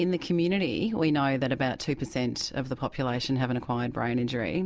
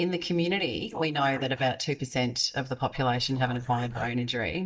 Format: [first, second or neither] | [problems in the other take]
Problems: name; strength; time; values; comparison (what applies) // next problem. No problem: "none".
first | noise reduction (neural mask model DeepFilterNet 3)